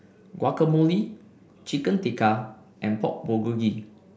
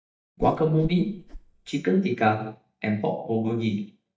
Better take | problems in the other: first | noise reduction (neural mask model DeepFilterNet 3)

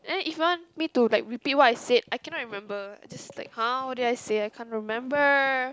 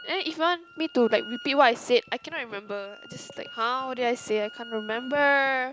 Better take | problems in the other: first | background sound (Wind instrument, woodwind instrument); 19 dB below the speech

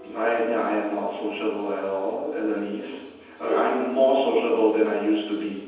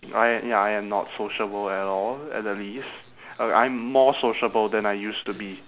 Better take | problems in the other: second | background sound (Piano); 15 dB below the speech // room echo; dies away in 1.1 s

